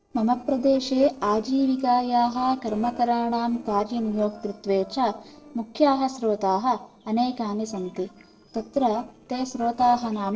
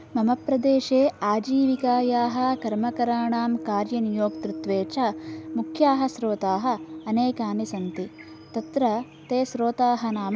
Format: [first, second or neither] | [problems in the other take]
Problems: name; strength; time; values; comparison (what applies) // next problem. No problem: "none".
second | noise reduction (neural separator model SepFormer DNS4)